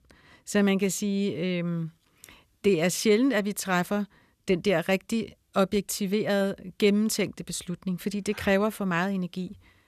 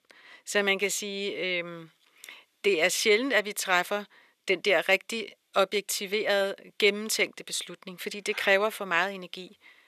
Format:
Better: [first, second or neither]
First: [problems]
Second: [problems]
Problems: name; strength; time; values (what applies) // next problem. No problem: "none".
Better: first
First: none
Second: thin; somewhat; fading below 500 Hz